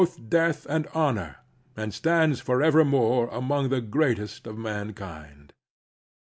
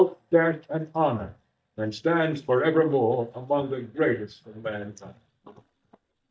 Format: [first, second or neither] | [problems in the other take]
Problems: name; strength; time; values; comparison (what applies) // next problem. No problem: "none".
first | noise reduction (neural mask model DeepFilterNet 3)